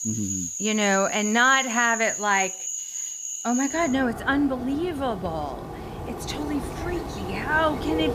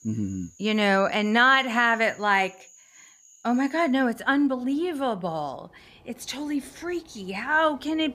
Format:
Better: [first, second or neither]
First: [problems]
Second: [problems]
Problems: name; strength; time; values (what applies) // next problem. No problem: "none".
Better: second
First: animal sounds; loud; throughout; 6 dB below the speech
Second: animal sounds; faint; throughout; 30 dB below the speech